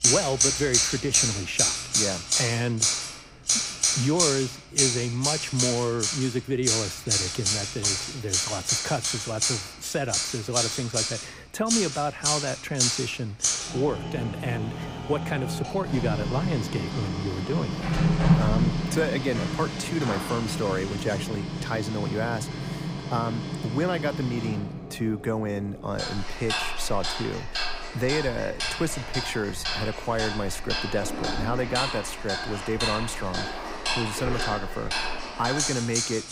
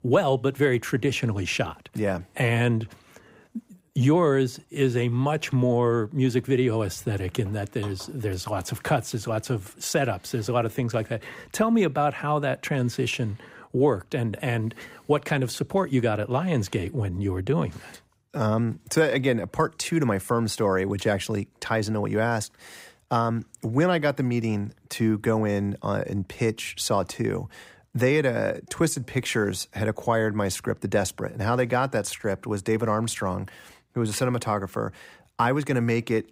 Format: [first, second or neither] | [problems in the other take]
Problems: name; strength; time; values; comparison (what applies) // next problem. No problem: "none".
second | household noises; very loud; throughout; 3 dB above the speech